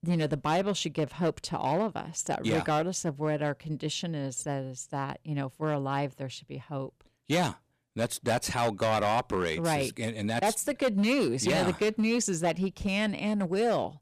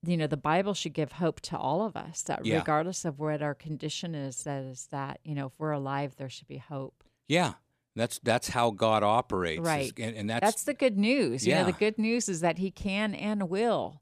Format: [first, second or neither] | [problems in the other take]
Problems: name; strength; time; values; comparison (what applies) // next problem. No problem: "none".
second | distortion; slight; 7% of the sound clipped